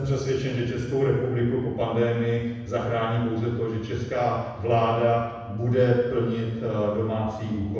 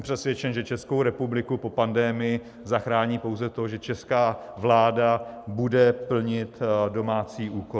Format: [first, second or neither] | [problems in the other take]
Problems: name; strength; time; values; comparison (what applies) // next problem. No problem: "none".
second | room echo; dies away in 1.1 s